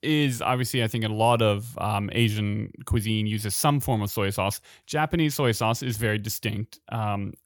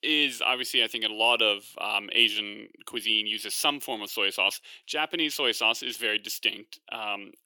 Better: first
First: none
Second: thin; somewhat; fading below 300 Hz

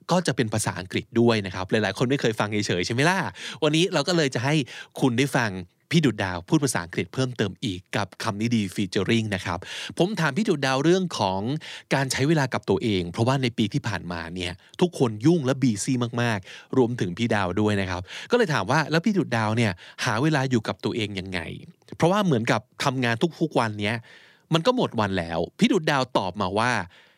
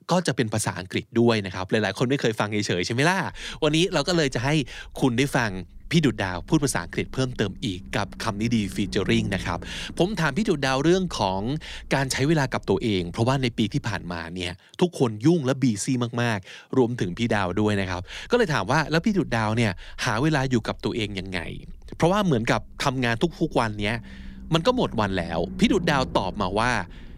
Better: first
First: none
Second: low rumble; faint; from 3.5 to 14 s and from 17 s on; 20 dB below the speech

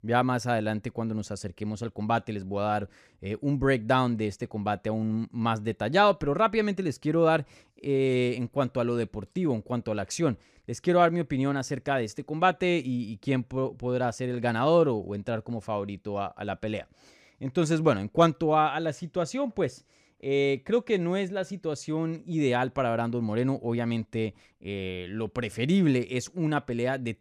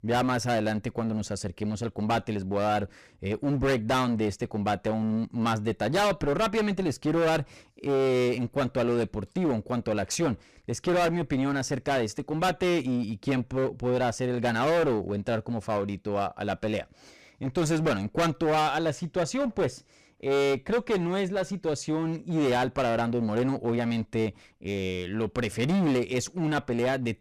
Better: first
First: none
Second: distortion; heavy; 17% of the sound clipped

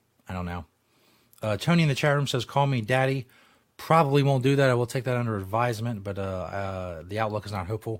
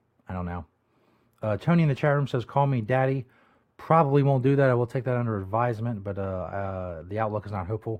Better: first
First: none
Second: muffled; very; fading above 2.5 kHz

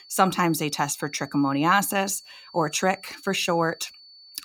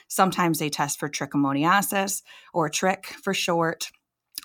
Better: second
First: high-pitched whine; faint; throughout; 4.5 kHz, 20 dB below the speech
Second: none

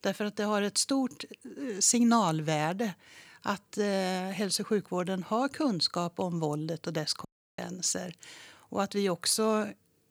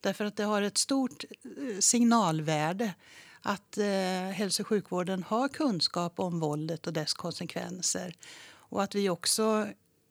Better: second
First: audio cutting out; at 7.5 s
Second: none

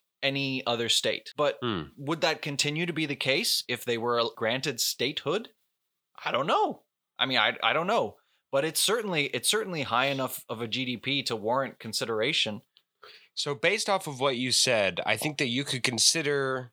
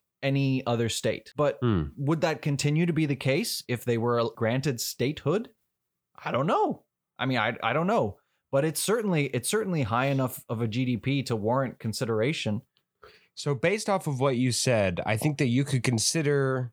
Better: second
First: thin; somewhat; fading below 550 Hz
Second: none

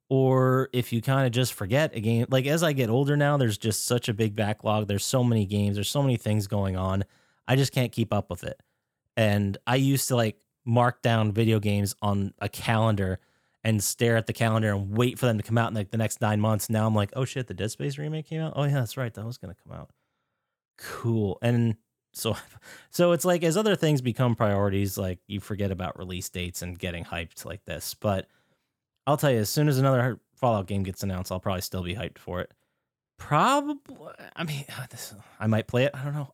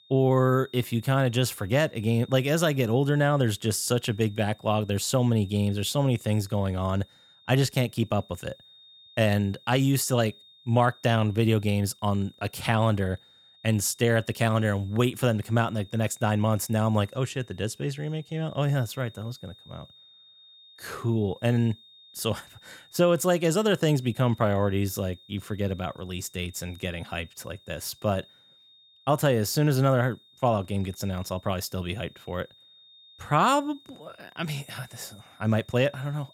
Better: first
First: none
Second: high-pitched whine; faint; throughout; 3.5 kHz, 25 dB below the speech

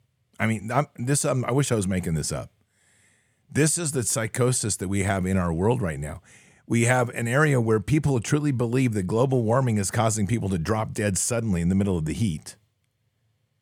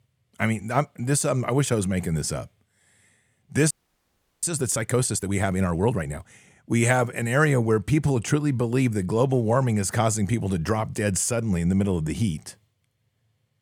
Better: first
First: none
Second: audio freezing; at 3.5 s for 0.5 s

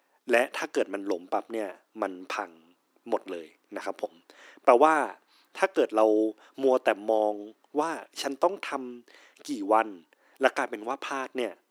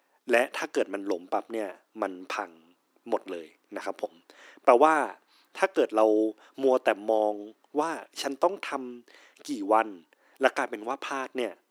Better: neither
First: thin; very; fading below 300 Hz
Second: thin; very; fading below 300 Hz

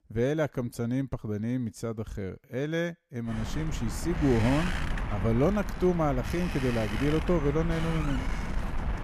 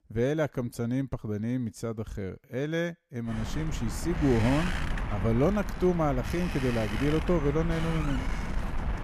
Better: neither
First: wind noise on the microphone; heavy; from 3.5 s on; 5 dB below the speech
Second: wind noise on the microphone; heavy; from 3.5 s on; 5 dB below the speech

